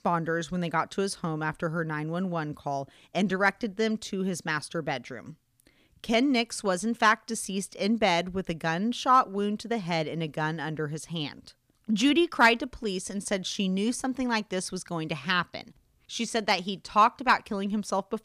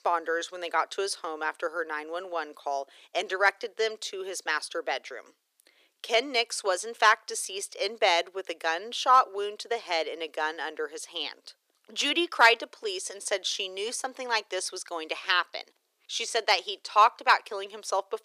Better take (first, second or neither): first